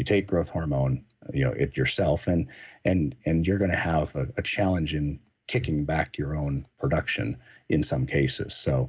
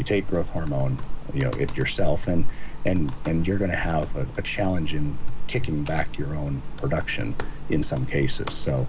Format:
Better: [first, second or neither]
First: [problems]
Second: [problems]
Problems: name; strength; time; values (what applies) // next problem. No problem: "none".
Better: first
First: none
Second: background sound (Computer keyboard); 2 dB above the speech